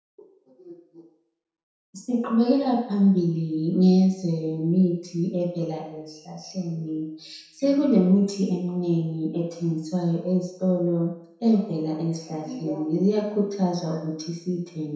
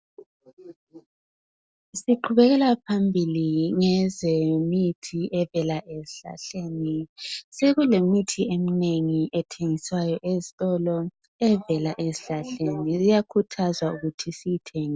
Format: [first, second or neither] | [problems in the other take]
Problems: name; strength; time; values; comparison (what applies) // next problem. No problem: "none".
second | room echo; dies away in 0.7 s